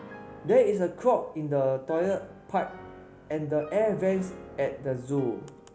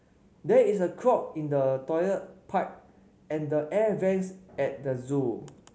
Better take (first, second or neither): second